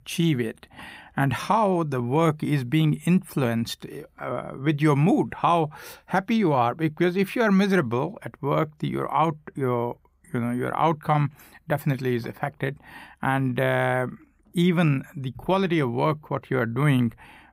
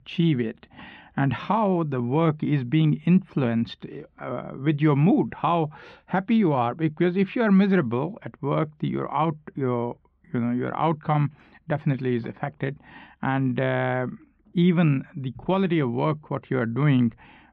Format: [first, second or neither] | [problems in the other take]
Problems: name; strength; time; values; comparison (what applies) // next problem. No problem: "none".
first | muffled; slightly; fading above 3.5 kHz